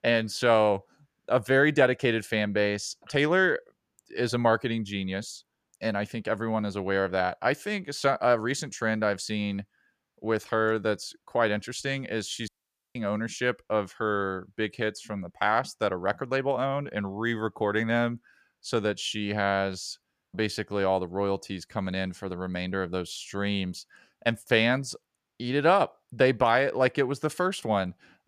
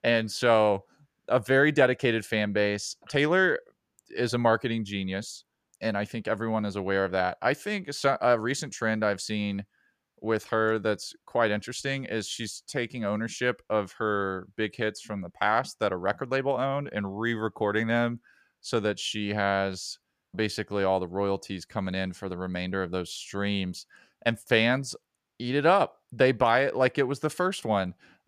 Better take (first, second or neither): second